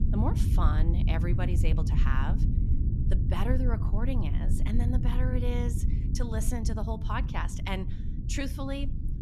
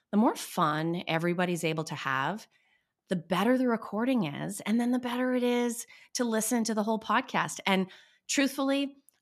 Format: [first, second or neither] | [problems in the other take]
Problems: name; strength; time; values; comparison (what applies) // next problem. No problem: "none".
second | low rumble; loud; throughout; 6 dB below the speech